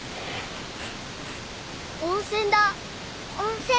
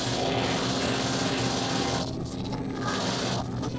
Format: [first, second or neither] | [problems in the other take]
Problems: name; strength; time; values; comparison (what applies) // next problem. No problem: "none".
first | noise reduction (neural separator model SepFormer DNS4)